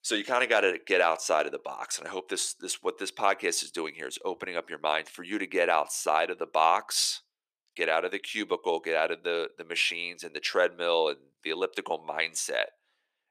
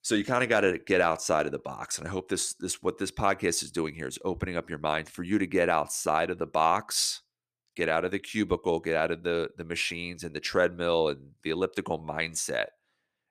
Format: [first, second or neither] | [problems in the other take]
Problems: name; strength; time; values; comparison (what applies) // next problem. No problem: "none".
second | thin; somewhat; fading below 450 Hz